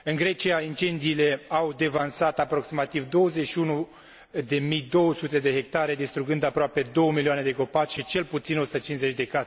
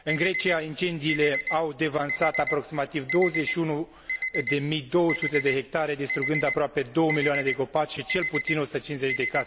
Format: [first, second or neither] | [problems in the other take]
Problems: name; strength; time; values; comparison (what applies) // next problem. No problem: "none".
first | background sound (Alarm); 6 dB below the speech